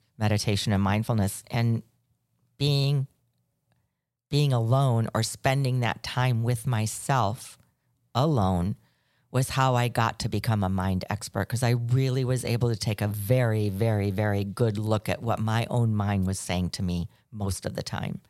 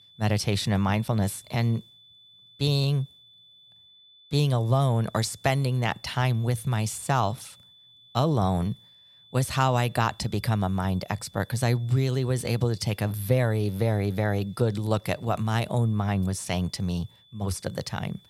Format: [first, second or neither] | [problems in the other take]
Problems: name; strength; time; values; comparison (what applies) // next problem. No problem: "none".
first | high-pitched whine; faint; throughout; 3.5 kHz, 25 dB below the speech